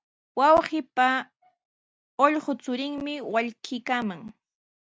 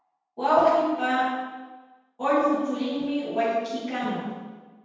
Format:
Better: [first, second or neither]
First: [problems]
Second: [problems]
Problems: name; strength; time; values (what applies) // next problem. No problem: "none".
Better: first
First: none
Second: room echo; dies away in 1.2 s